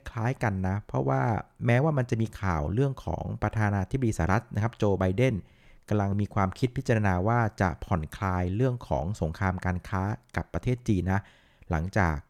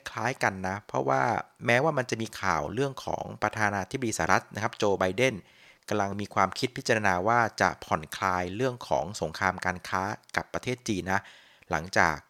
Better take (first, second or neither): first